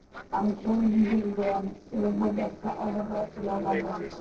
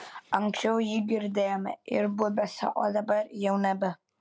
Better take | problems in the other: second | noise reduction (neural separator model SepFormer DNS4)

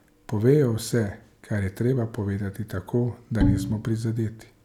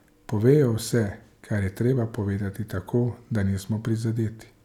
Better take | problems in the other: second | background sound (Bowed string instrument); 2 dB below the speech

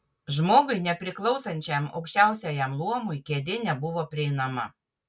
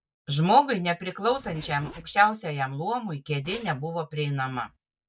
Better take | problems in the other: first | noise reduction (neural mask model DeepFilterNet 3)

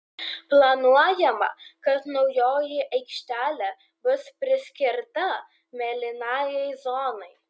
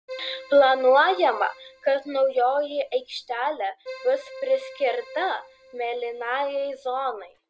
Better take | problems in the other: first | background sound (Keyboard (musical)); 18 dB below the speech

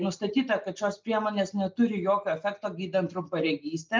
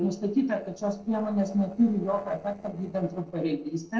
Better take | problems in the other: first | noise reduction (neural separator model SepFormer DNS4)

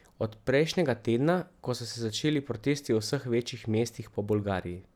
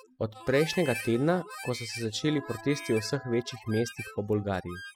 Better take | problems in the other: first | noise reduction (classical method spectral subtraction)

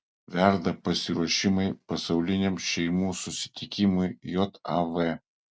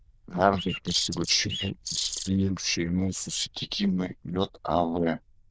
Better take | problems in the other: first | noise reduction (neural diffusion model UNIVERSE++)

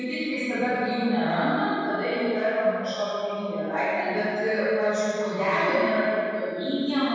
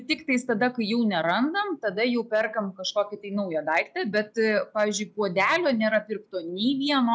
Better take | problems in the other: second | room echo; dies away in 2.2 s

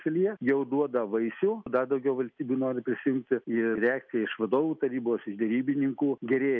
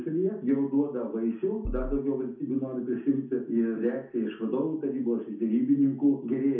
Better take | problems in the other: first | background sound (Bass drum); 5 dB below the speech // room echo; dies away in 0.7 s

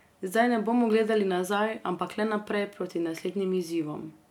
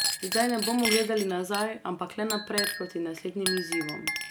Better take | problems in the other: first | background sound (Chink, clink); 3 dB below the speech

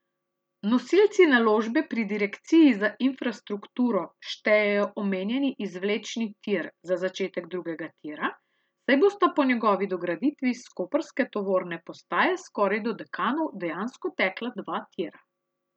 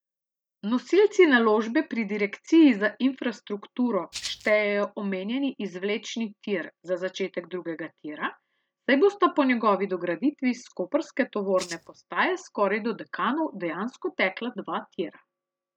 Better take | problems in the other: first | noise reduction (neural mask model DeepFilterNet 3)

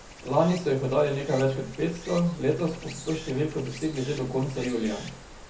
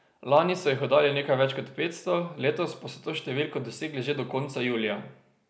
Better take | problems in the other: second | background sound (Stream); 16 dB below the speech // room echo; dies away in 0.3 s

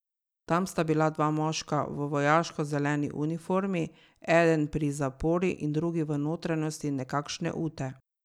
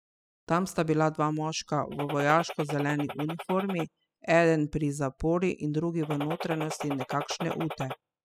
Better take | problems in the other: first | noise reduction (classical method spectral subtraction)

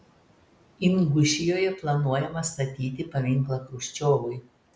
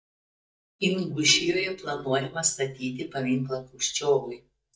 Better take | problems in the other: first | noise reduction (neural mask model DeepFilterNet 3)

